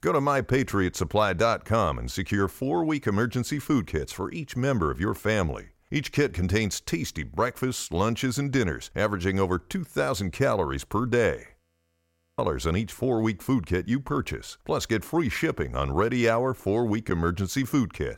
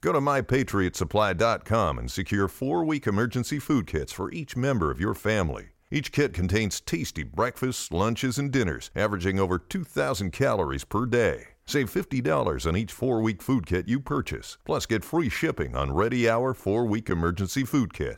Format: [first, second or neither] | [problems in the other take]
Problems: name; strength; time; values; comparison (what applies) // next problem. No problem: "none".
second | audio freezing; at 12 s for 1 s